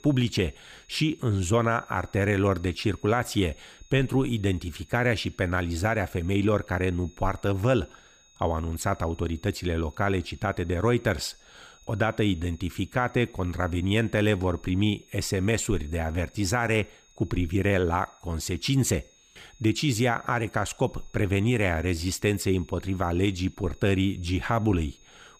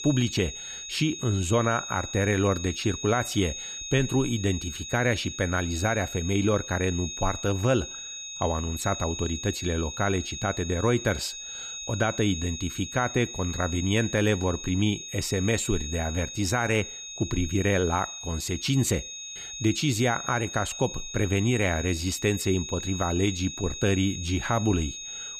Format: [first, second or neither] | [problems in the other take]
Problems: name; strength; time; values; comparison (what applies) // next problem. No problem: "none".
first | high-pitched whine; loud; throughout; 6.5 kHz, 8 dB below the speech; faint in the first